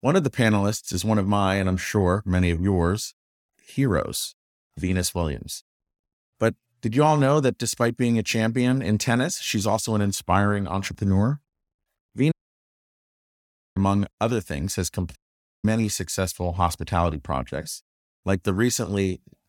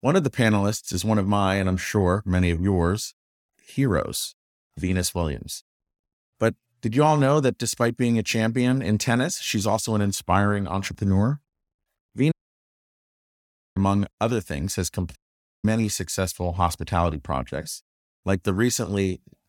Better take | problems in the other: neither | audio cutting out; at 12 s for 1.5 s and at 15 s; the same in both

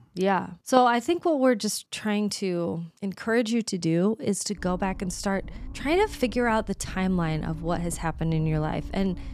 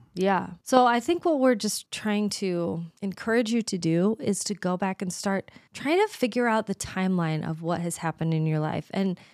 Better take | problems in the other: second | low rumble; faint; from 4.5 s on; 25 dB below the speech

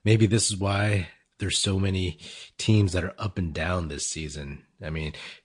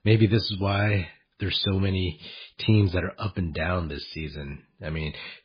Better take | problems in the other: first | garbled, watery; badly; nothing above 4.5 kHz; slightly in the first

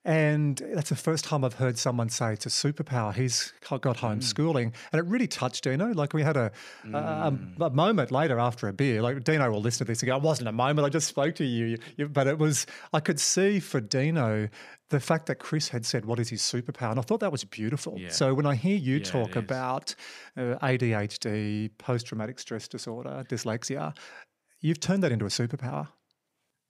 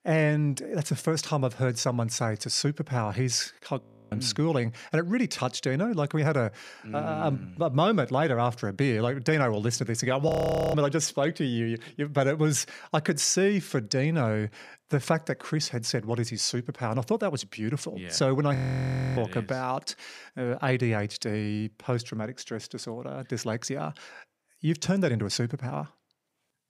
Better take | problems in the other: first | audio freezing; at 4 s, at 10 s and at 19 s for 0.5 s

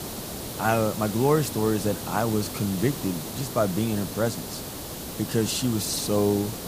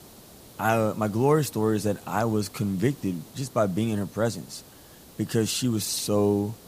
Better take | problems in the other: second | hiss; loud; throughout; 8 dB below the speech; faint in the second

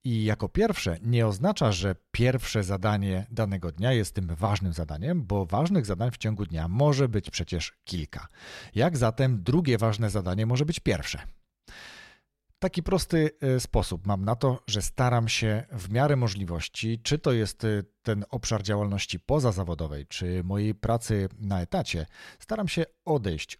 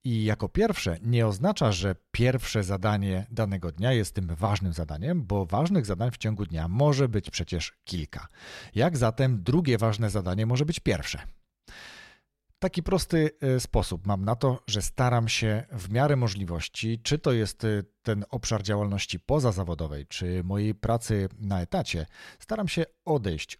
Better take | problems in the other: neither | none

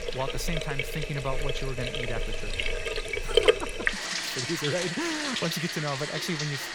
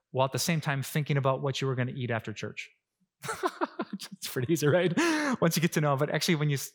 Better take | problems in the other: second | household noises; very loud; throughout; 4 dB above the speech

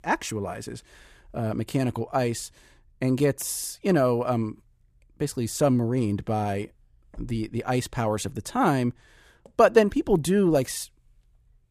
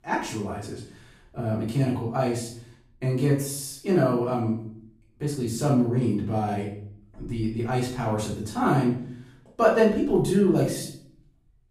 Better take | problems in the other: first | off-mic speech; far // room echo; noticeable; dies away in 0.5 s

